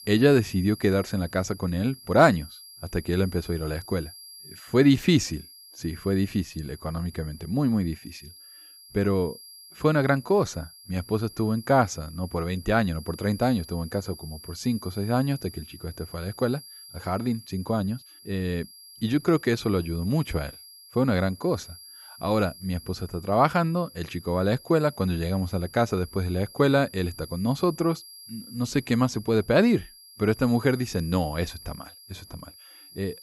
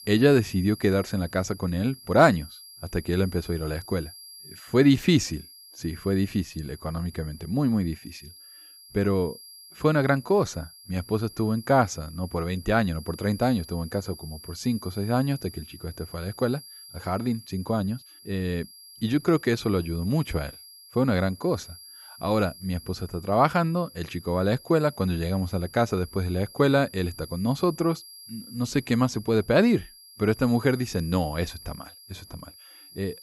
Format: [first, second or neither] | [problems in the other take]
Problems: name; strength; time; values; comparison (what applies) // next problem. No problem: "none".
neither | high-pitched whine; noticeable; throughout; 5 kHz, 20 dB below the speech; the same in both